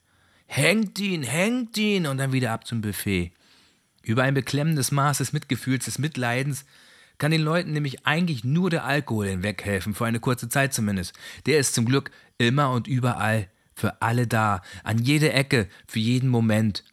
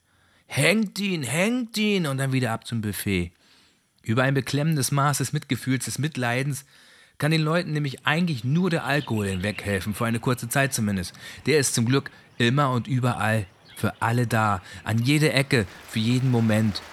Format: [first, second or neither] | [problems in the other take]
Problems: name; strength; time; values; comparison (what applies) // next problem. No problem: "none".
first | rain or running water; faint; from 8 s on; 20 dB below the speech